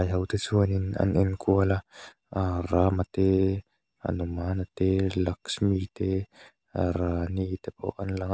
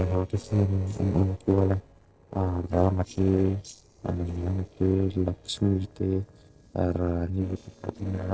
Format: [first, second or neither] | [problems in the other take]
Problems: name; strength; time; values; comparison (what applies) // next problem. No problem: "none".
first | noise reduction (neural separator model SepFormer DNS4)